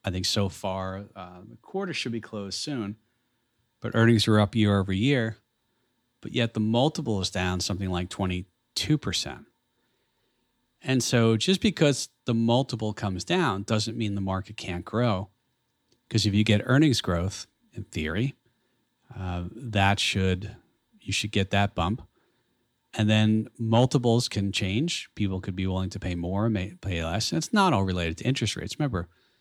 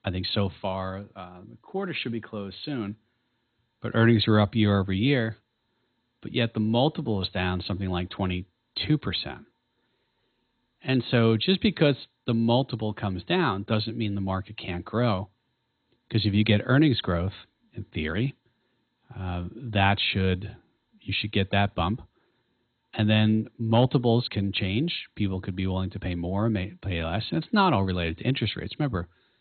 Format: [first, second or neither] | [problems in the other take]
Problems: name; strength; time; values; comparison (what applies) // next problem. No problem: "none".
first | garbled, watery; badly; nothing above 4 kHz